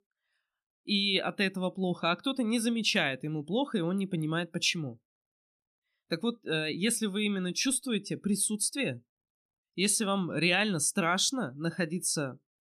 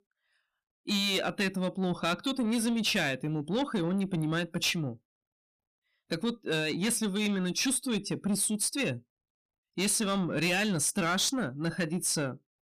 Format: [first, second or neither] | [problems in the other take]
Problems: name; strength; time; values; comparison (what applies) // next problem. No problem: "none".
first | distortion; slight; 10 dB below the speech